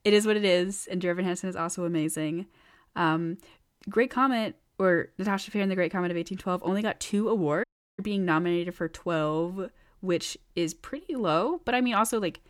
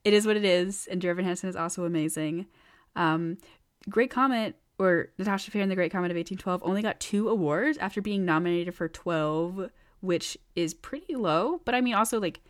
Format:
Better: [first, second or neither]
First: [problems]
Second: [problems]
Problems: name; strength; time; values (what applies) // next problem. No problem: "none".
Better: second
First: audio cutting out; at 7.5 s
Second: none